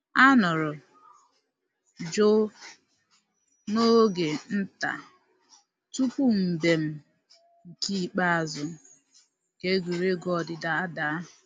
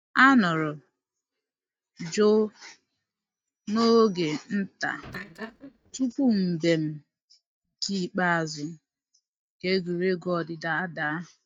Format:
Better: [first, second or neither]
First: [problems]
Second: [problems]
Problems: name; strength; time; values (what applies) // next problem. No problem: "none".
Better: first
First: none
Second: noise reduction (neural mask model DeepFilterNet 3)